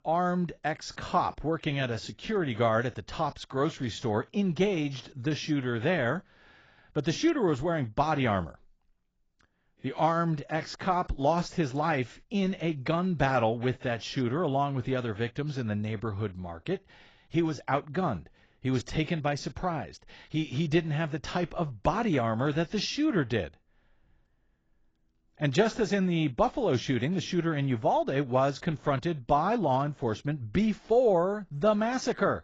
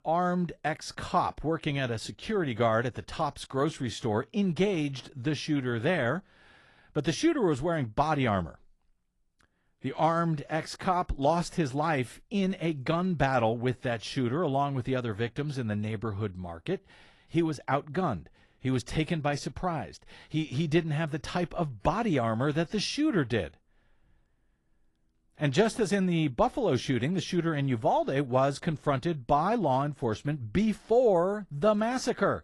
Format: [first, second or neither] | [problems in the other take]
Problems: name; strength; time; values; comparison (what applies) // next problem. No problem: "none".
second | garbled, watery; badly; slightly in the second